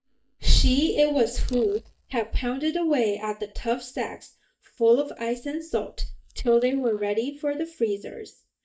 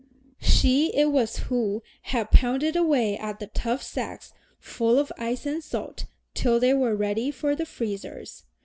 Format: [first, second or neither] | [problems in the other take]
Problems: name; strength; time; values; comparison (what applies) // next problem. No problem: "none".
second | noise reduction (neural mask model DeepFilterNet 3)